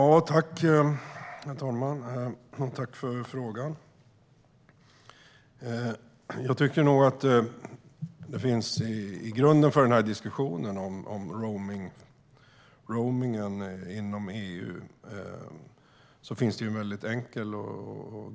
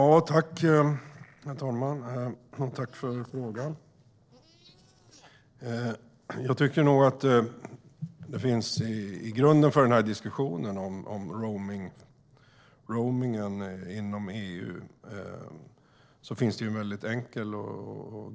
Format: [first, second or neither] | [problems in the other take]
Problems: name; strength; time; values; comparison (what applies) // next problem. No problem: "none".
first | noise reduction (neural separator model SepFormer DNS4)